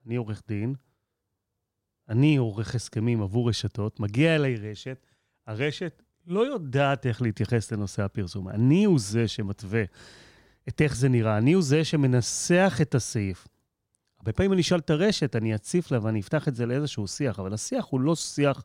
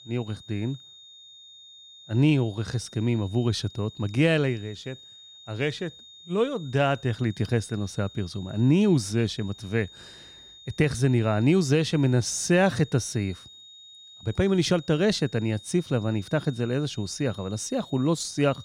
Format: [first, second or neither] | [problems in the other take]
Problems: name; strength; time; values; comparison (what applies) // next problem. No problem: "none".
first | high-pitched whine; faint; throughout; 3.5 kHz, 20 dB below the speech